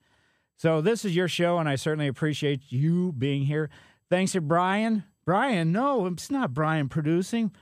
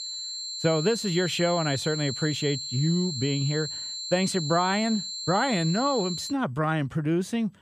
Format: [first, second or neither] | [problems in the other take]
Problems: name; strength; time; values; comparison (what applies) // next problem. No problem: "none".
first | high-pitched whine; loud; until 6.5 s; 4 kHz, 5 dB below the speech